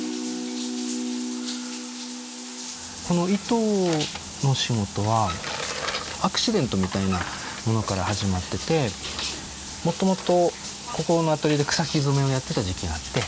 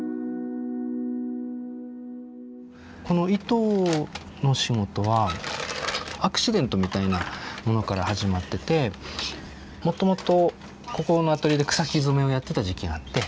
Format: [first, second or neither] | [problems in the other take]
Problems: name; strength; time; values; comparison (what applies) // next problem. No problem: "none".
second | background sound (Bathtub (filling or washing)); 11 dB below the speech